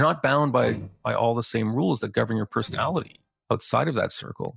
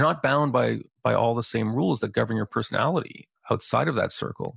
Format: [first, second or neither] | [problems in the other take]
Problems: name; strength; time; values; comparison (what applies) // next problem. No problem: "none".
second | noise reduction (neural mask model DeepFilterNet 3)